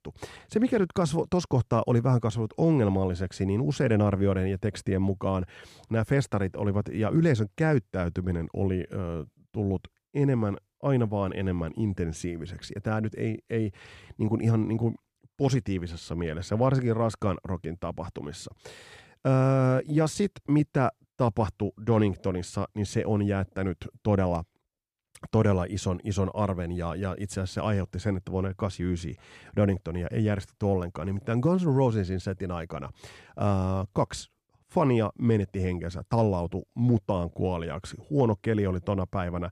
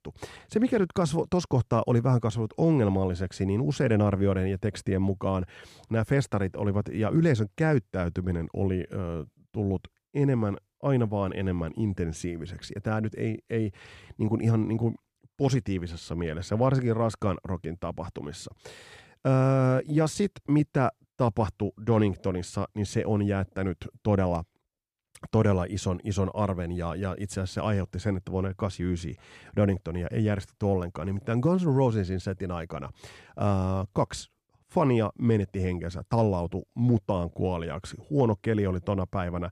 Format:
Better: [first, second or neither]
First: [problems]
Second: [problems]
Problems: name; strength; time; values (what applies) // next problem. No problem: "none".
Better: neither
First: none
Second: none